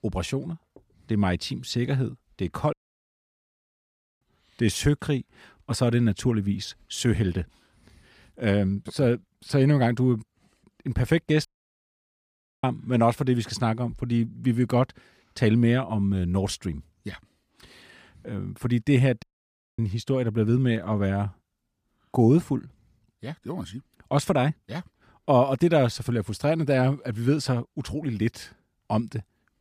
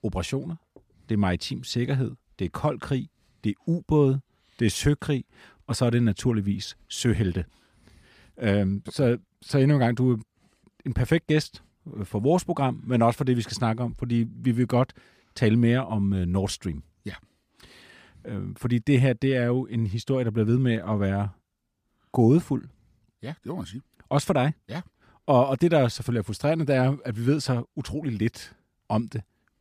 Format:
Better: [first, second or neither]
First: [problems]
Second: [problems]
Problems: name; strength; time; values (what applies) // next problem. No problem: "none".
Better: second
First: audio cutting out; at 2.5 s for 1.5 s, at 11 s for 1 s and at 19 s for 0.5 s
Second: none